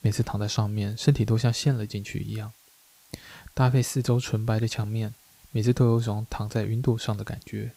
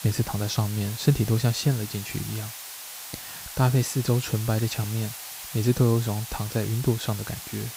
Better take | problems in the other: first | hiss; loud; throughout; 10 dB below the speech; faint in the first

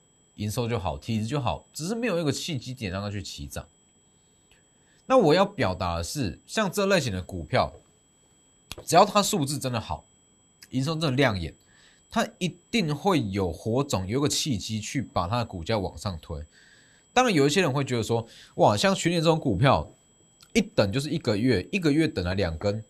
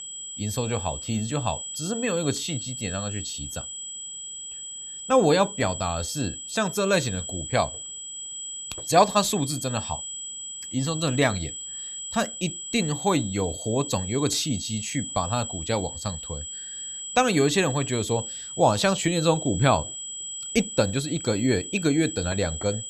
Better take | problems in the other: first | high-pitched whine; loud; throughout; 8 kHz, 7 dB below the speech; faint in the first

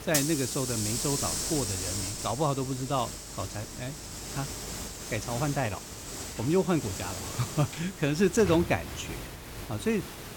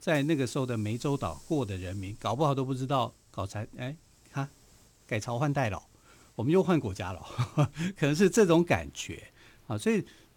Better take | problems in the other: second | hiss; loud; throughout; 4 dB below the speech; faint in the second

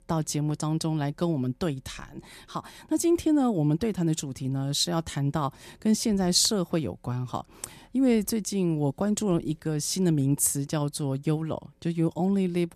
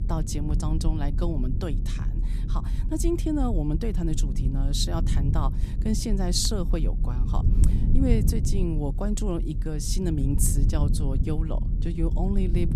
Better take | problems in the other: first | low rumble; loud; throughout; 9 dB below the speech

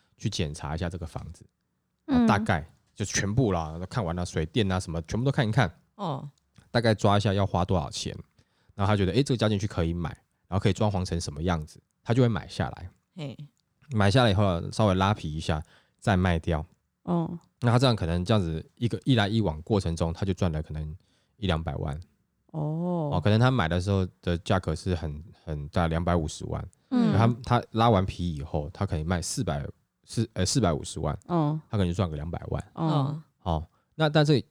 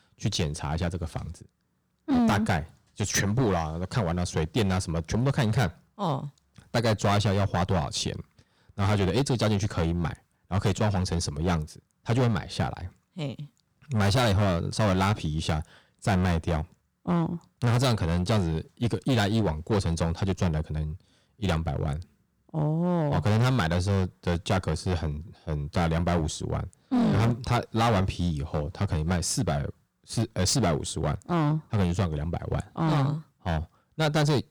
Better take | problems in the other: first | distortion; heavy; 11% of the sound clipped

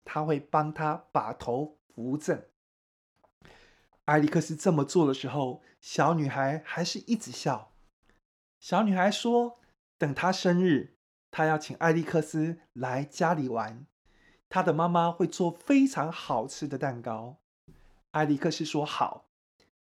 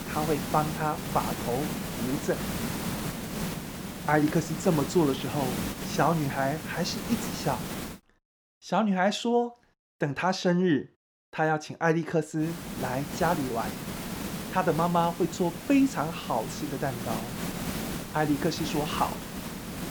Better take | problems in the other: first | hiss; loud; until 8 s and from 12 s on; 6 dB below the speech

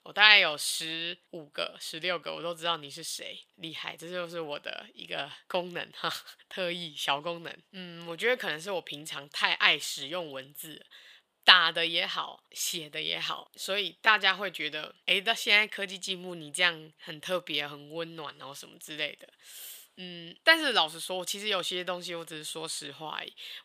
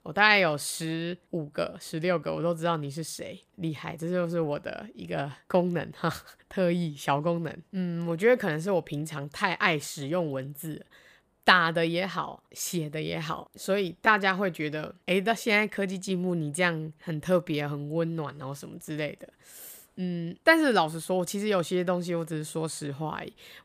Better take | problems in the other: second | thin; somewhat; fading below 1 kHz

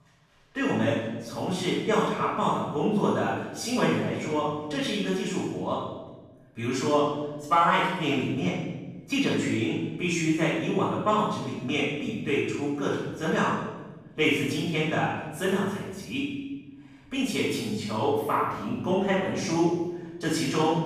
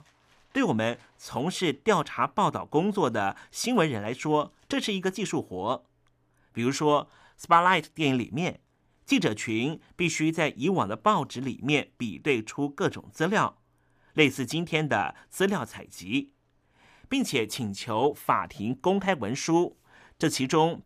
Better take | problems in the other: second | off-mic speech; far // room echo; strong; dies away in 1.1 s

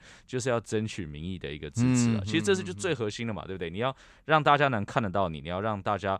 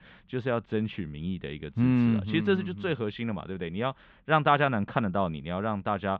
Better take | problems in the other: first | muffled; very; fading above 3.5 kHz

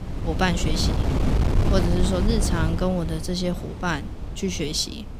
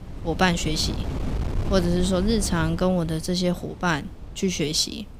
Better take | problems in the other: second | wind noise on the microphone; heavy; 6 dB below the speech; occasional gusts in the second

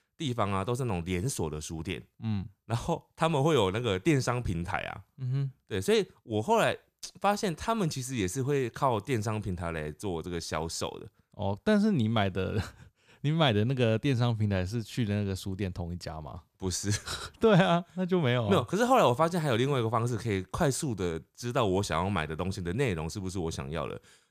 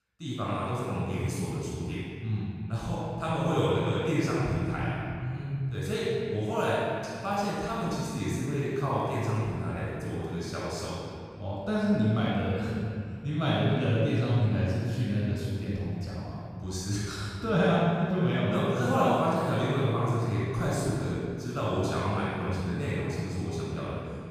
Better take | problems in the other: first | off-mic speech; far // room echo; strong; dies away in 2.5 s

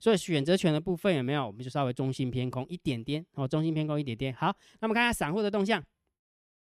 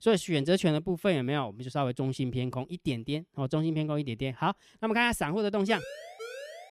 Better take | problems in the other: first | siren; faint; from 5.5 s on; peak 10 dB below the speech

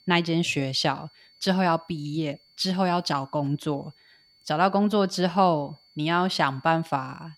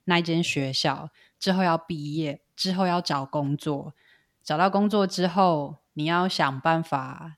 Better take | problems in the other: second | high-pitched whine; faint; throughout; 4.5 kHz, 30 dB below the speech

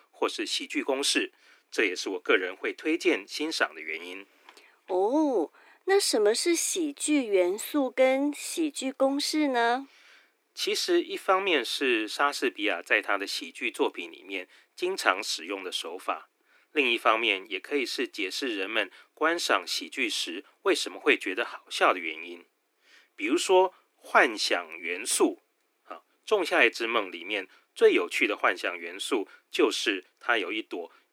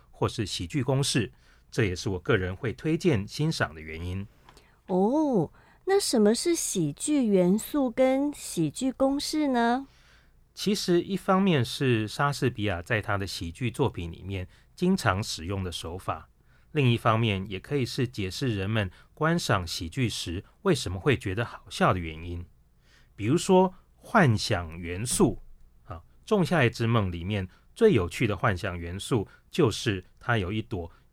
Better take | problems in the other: second | thin; somewhat; fading below 300 Hz

